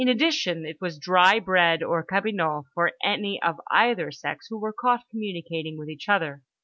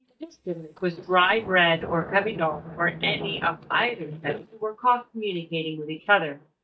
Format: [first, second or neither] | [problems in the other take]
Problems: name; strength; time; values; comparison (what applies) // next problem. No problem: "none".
first | noise reduction (neural mask model DeepFilterNet 3)